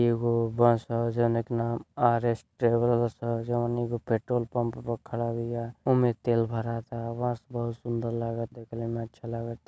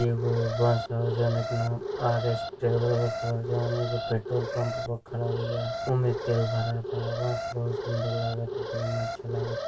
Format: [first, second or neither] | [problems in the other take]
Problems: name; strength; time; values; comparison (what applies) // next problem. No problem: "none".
first | background sound (Alarm); 5 dB below the speech // room echo; dies away in 0.1 s